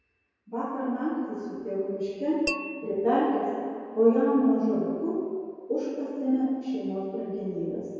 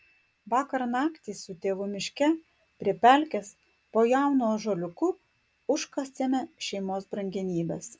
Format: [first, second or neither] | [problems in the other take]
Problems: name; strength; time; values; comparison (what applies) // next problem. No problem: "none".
second | background sound (Tap / Glass); 11 dB below the speech // room echo; dies away in 2.2 s